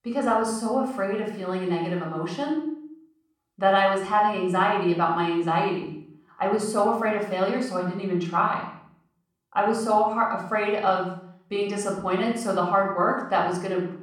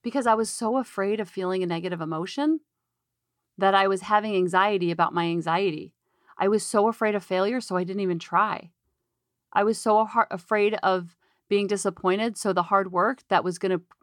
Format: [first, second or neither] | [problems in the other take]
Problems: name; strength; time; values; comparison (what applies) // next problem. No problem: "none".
second | off-mic speech; far // room echo; noticeable; dies away in 0.6 s